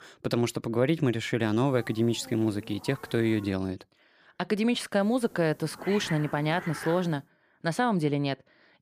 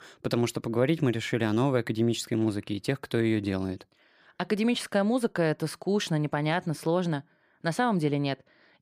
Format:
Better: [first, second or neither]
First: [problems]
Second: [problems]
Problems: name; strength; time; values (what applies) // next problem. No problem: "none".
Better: second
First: hiss; noticeable; from 1.5 to 3.5 s and from 5 to 7 s; 15 dB below the speech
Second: none